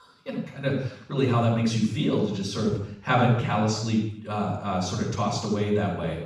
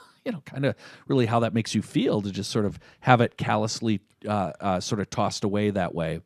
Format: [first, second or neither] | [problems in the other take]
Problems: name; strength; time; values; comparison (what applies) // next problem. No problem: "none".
second | room echo; noticeable; dies away in 0.6 s // off-mic speech; far